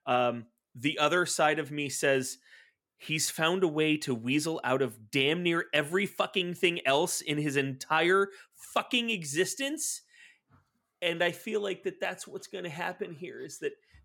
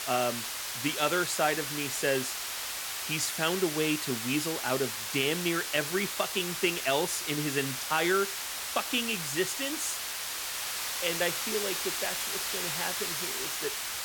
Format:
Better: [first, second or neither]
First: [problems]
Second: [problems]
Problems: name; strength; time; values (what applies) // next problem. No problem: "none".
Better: first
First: none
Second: hiss; loud; throughout; 1 dB below the speech